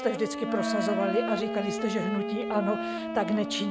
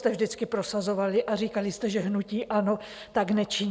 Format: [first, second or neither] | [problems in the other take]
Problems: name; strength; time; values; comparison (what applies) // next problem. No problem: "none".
second | background sound (Wind instrument, woodwind instrument + Wind instrument, woodwind instrument); 2 dB below the speech